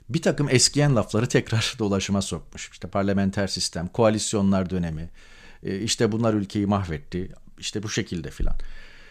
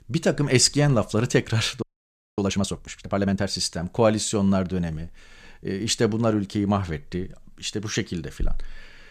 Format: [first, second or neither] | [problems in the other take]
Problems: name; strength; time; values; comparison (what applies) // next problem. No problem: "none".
first | audio freezing; at 2 s for 0.5 s